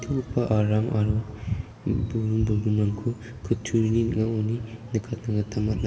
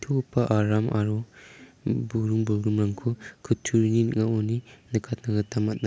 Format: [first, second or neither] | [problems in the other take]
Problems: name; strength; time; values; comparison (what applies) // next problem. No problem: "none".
second | background sound (Dog); 9 dB below the speech // room echo; dies away in 1.6 s